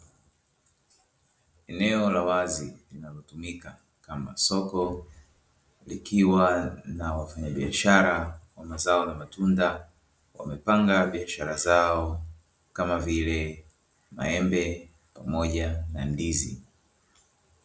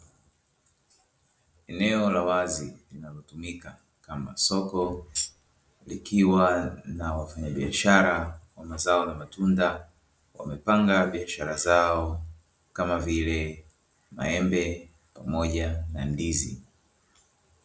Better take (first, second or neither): first